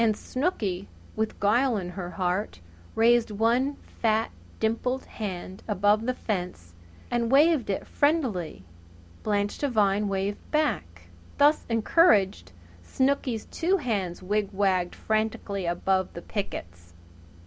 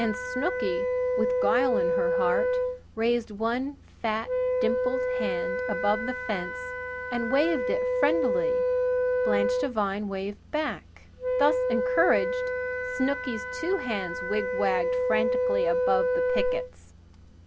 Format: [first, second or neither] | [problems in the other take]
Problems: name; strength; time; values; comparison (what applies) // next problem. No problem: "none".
first | background sound (Wind instrument, woodwind instrument); 2 dB above the speech